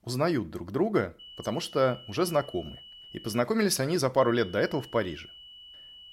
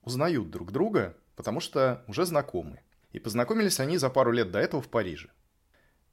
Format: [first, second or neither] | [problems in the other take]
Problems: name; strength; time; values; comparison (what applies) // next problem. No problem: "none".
second | high-pitched whine; noticeable; from 1 to 3.5 s and from 4 s on; 3 kHz, 20 dB below the speech